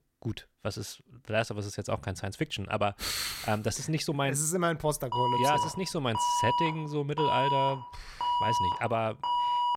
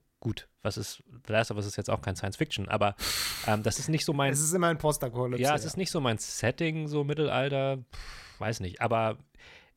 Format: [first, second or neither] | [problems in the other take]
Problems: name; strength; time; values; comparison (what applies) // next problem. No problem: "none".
second | alarm; loud; from 5 s on; peak 4 dB above the speech